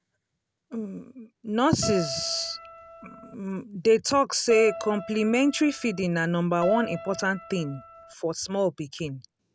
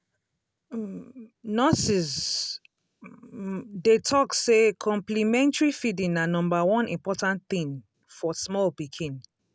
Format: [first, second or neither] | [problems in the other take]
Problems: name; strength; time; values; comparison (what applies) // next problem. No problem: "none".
second | background sound (Keyboard (musical)); 10 dB below the speech